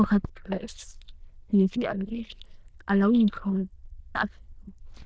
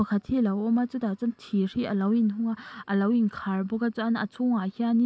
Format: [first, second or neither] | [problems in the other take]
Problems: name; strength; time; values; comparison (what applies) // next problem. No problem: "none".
second | noise reduction (neural diffusion model UNIVERSE++)